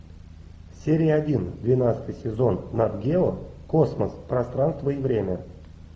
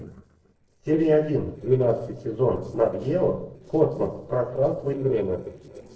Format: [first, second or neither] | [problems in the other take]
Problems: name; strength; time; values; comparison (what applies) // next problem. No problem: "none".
first | noise reduction (neural separator model SepFormer DNS4)